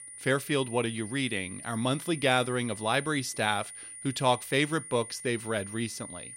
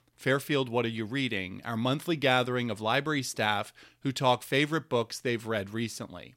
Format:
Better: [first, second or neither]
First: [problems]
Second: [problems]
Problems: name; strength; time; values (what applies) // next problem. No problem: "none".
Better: second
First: high-pitched whine; noticeable; throughout; 9.5 kHz, 10 dB below the speech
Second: none